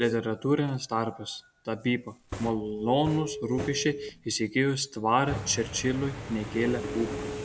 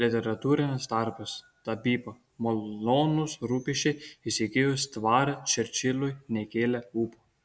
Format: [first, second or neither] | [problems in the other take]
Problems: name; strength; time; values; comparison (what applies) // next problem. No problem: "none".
second | background sound (Telephone + Fire); 10 dB below the speech